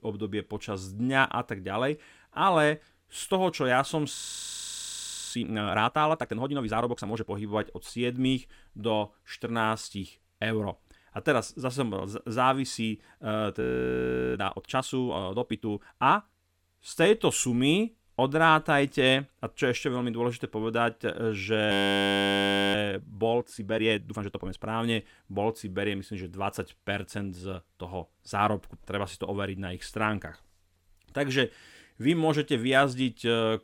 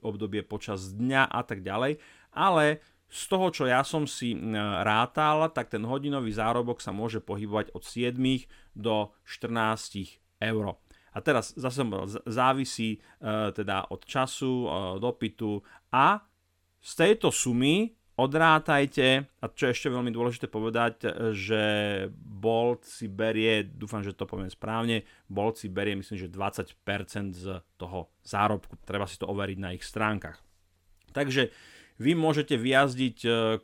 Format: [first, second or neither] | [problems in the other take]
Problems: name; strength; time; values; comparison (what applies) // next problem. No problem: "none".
second | audio freezing; at 4 s for 1 s, at 14 s for 0.5 s and at 22 s for 1 s